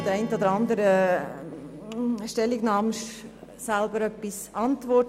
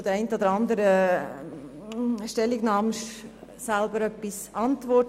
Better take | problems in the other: second | background sound (Strum); 18 dB below the speech

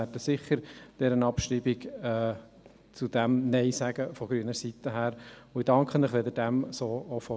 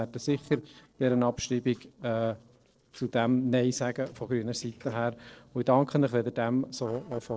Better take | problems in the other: first | noise reduction (neural separator model SepFormer DNS4)

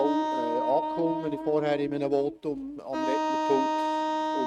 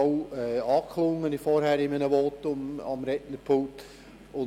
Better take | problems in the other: second | noise reduction (neural mask model RNNoise)

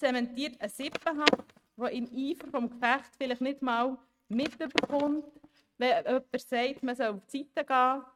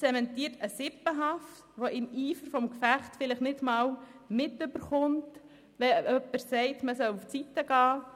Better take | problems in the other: second | noise reduction (neural mask model RNNoise)

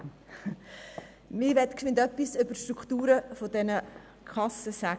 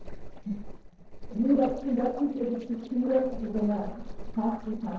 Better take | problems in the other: first | noise reduction (neural separator model SepFormer DNS4)

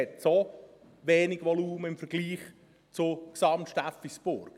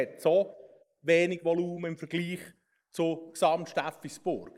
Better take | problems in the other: first | noise reduction (neural mask model Resemble Enhance denoiser)

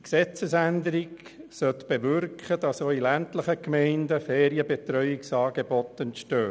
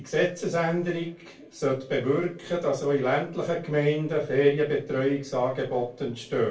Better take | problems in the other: first | room echo; dies away in 0.2 s

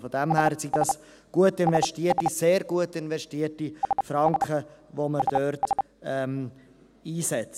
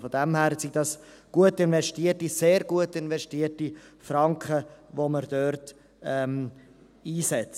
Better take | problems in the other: second | background sound (Telephone); 3 dB below the speech

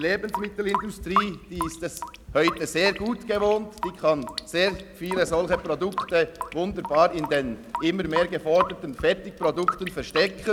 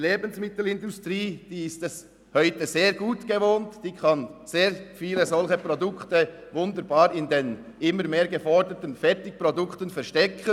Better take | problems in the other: second | background sound (Drip / Sink (filling or washing) / Water tap, faucet); 8 dB below the speech

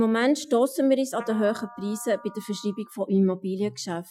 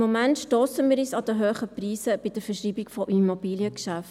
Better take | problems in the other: second | noise reduction (classical method Wiener filter)

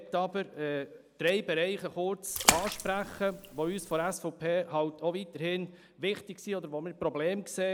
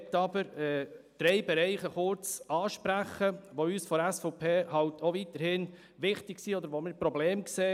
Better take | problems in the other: second | background sound (Splash, splatter); 1 dB below the speech

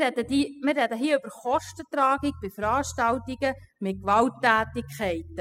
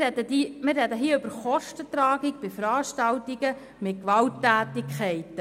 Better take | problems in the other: second | noise reduction (classical method spectral subtraction)

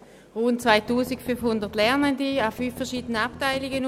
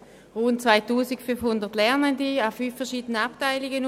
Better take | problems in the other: second | background sound (Strum); 16 dB below the speech

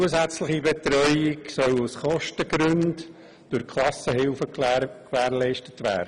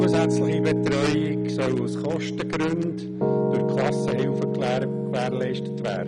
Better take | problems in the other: first | background sound (Piano); 4 dB above the speech

